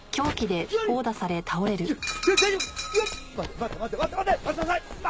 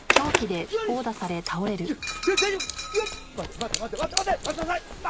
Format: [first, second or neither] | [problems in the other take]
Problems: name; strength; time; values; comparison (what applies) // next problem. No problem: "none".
first | background sound (Zipper (clothing)); 4 dB below the speech